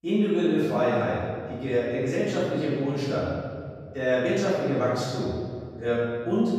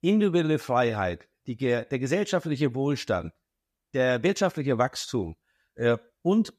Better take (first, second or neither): second